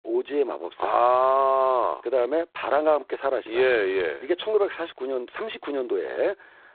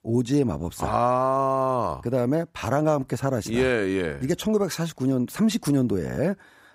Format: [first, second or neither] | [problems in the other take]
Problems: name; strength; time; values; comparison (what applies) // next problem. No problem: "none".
second | phone-call audio; poor line; nothing above 4 kHz